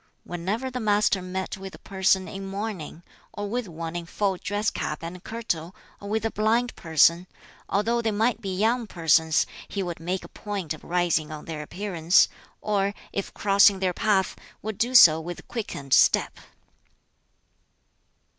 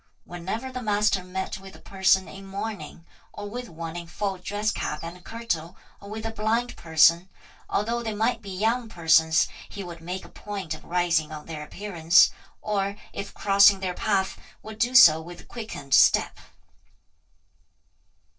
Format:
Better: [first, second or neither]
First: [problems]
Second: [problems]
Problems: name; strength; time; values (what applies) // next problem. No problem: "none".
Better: first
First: none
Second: noise reduction (neural separator model SepFormer DNS4)